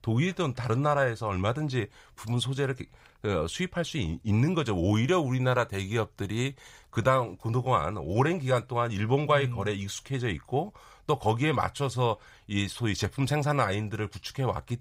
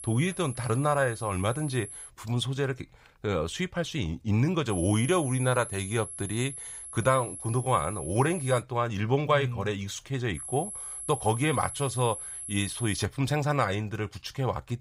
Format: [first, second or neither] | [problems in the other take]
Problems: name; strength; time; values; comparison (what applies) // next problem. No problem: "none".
first | high-pitched whine; loud; until 2 s, from 4.5 to 8.5 s and from 10 to 13 s; 11 kHz, 9 dB below the speech